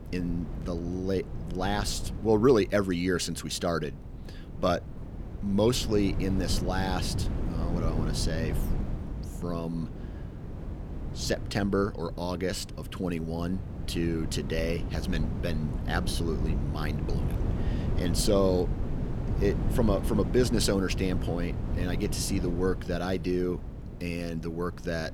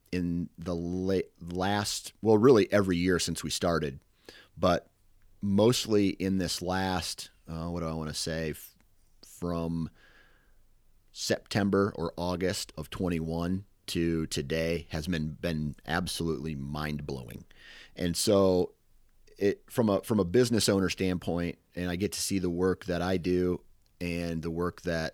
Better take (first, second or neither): second